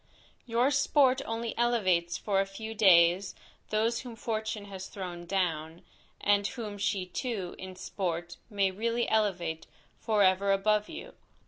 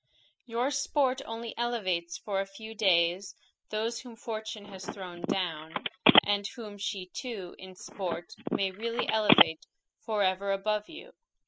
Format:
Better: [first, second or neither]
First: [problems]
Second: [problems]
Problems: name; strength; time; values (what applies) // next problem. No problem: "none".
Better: first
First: none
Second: noise reduction (classical method spectral subtraction)